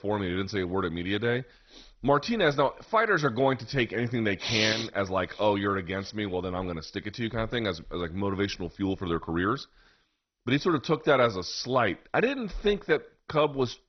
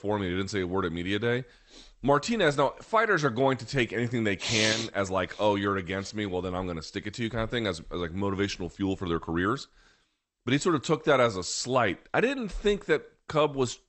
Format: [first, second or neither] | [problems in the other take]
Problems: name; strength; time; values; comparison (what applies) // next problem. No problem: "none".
second | garbled, watery; badly; nothing above 6 kHz; slightly in the second